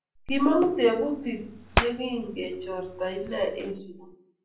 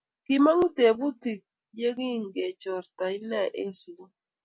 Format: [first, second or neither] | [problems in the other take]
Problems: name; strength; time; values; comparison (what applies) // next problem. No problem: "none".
second | background sound (Hands); 7 dB below the speech // room echo; dies away in 0.6 s